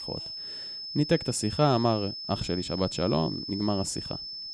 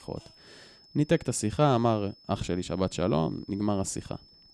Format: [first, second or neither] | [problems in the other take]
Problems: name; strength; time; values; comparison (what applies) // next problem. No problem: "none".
second | high-pitched whine; loud; throughout; 5 kHz, 7 dB below the speech; faint in the second